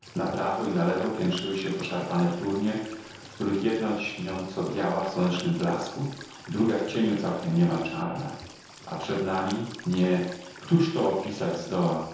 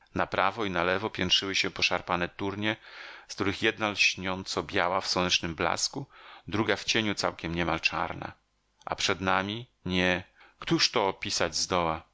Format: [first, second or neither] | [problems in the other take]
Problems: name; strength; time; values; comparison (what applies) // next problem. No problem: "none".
second | background sound (Cricket / Water); 18 dB below the speech // room echo; dies away in 0.9 s